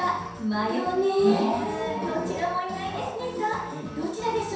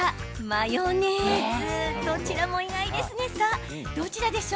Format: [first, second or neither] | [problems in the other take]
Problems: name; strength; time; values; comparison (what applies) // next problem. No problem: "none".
second | room echo; dies away in 0.7 s